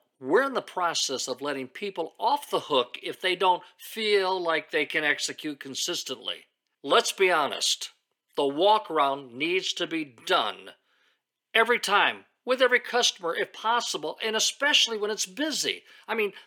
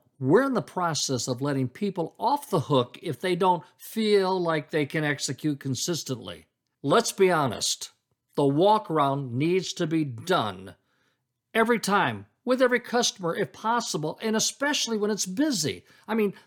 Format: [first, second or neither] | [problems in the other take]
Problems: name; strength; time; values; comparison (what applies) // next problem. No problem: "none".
second | thin; somewhat; fading below 450 Hz